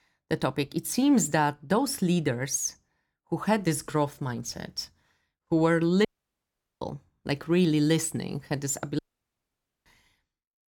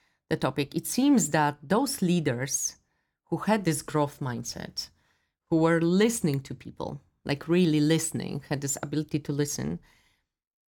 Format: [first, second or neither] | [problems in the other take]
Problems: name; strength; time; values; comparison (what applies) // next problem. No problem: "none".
second | audio cutting out; at 6 s for 1 s and at 9 s for 1 s